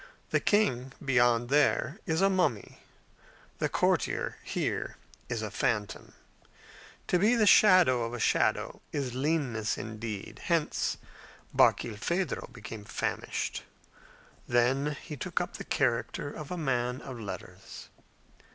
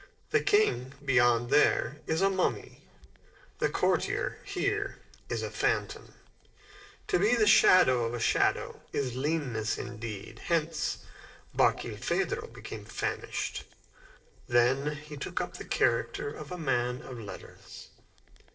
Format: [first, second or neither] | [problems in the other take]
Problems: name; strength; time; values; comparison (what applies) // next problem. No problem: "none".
first | noise reduction (neural separator model SepFormer DNS4)